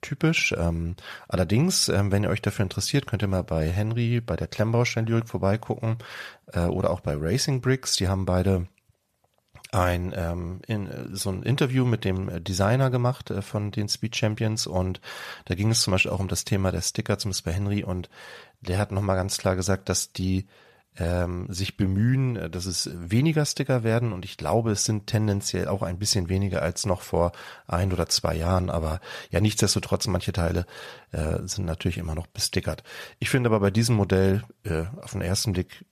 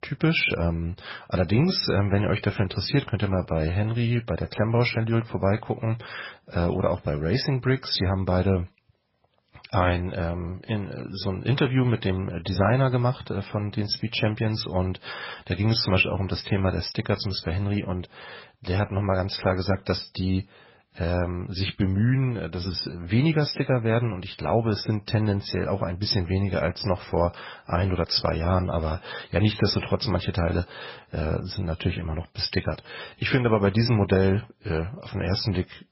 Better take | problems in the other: first | garbled, watery; badly; nothing above 5.5 kHz

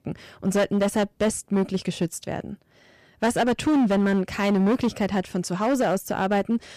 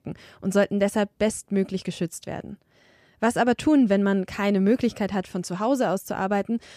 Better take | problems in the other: second | distortion; slight; 10% of the sound clipped

